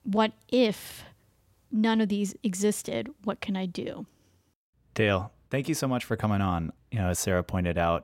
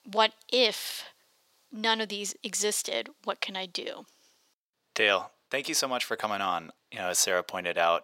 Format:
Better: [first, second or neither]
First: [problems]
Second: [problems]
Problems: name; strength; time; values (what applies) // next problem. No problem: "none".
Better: first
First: none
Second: thin; very; fading below 550 Hz